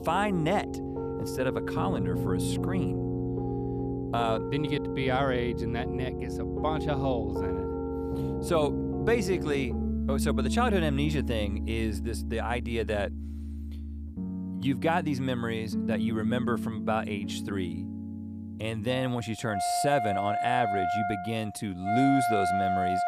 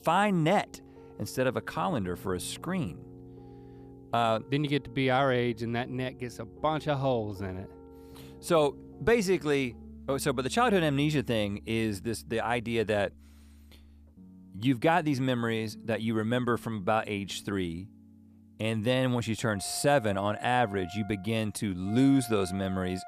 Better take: second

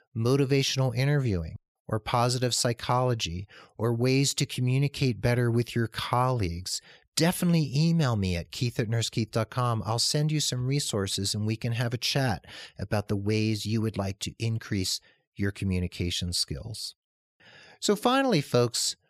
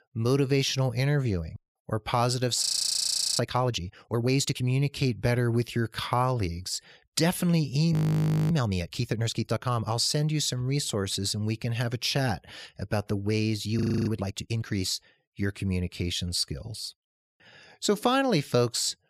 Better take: first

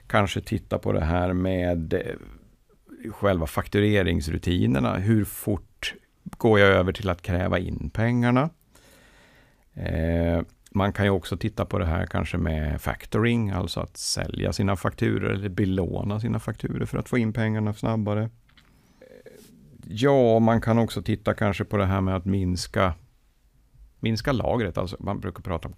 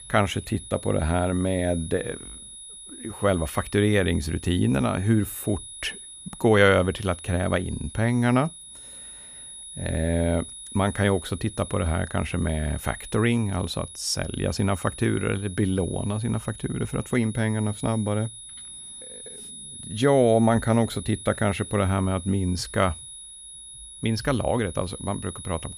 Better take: first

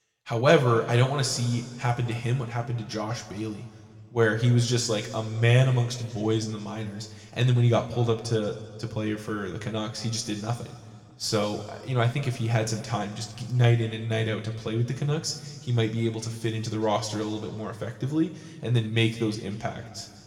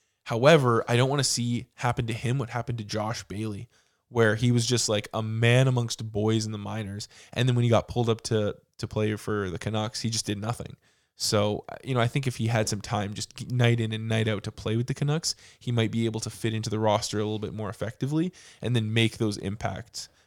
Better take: second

